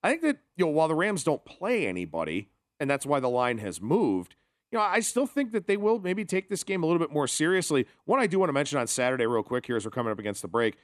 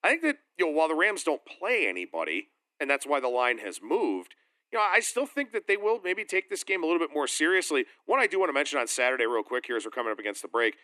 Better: first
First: none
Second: thin; somewhat; fading below 300 Hz

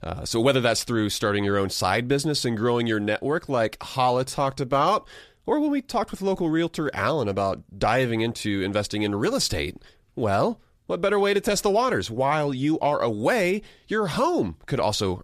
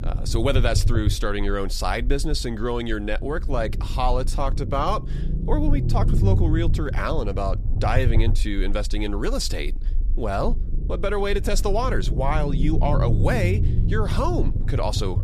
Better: first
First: none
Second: low rumble; noticeable; throughout; 10 dB below the speech

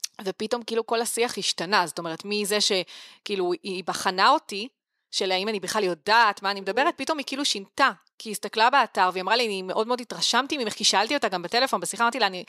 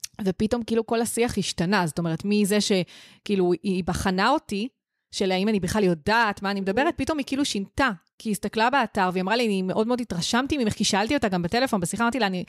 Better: second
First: thin; somewhat; fading below 400 Hz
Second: none

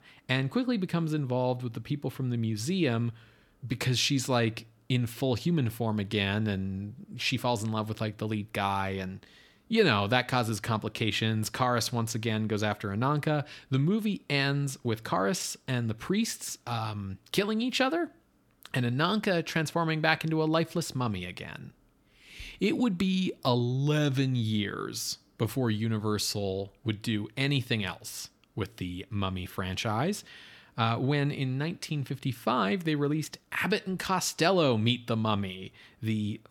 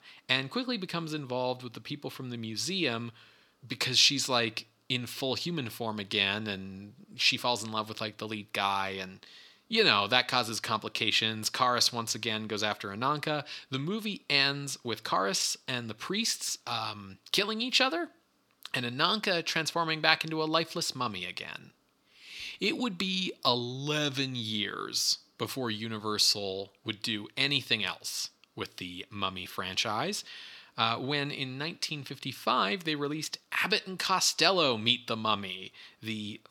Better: first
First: none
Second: thin; somewhat; fading below 350 Hz

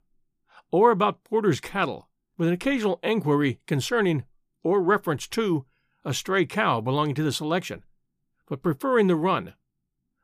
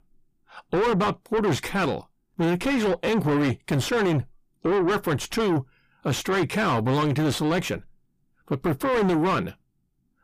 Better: first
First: none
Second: distortion; heavy; 5 dB below the speech

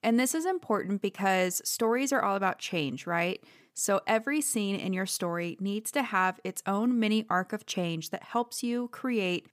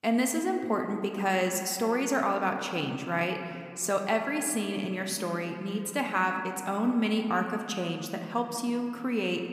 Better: first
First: none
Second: room echo; slight; dies away in 1.9 s

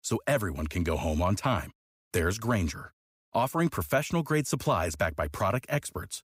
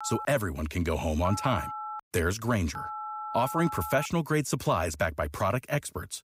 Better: first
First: none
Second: phone ringing; noticeable; until 4 s; peak 7 dB below the speech

